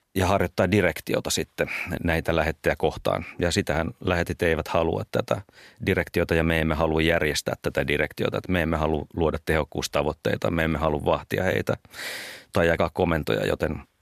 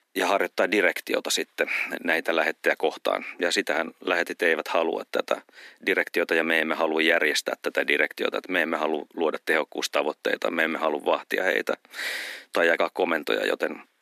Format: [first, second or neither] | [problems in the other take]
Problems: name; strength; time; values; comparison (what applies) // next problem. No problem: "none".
first | thin; somewhat; fading below 250 Hz